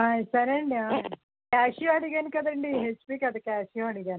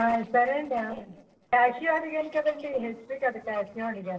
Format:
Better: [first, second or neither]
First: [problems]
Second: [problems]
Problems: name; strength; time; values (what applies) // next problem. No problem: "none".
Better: first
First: none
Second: noise reduction (neural separator model SepFormer DNS4)